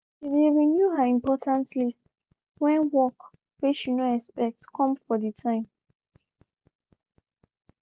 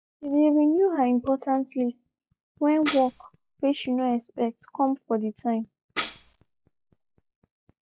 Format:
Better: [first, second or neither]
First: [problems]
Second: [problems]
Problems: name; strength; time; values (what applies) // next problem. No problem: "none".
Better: first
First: none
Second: noise reduction (classical method log-MMSE)